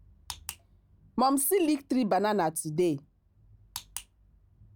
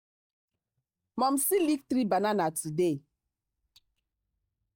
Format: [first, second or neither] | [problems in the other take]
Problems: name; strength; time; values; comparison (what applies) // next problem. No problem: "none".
first | noise reduction (neural mask model DeepFilterNet 3)